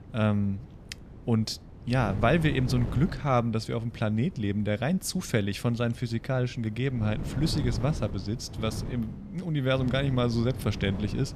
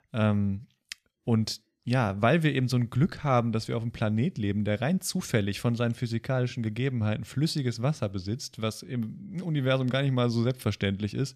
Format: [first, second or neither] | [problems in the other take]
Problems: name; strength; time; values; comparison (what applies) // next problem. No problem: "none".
second | wind noise on the microphone; occasional gusts; 15 dB below the speech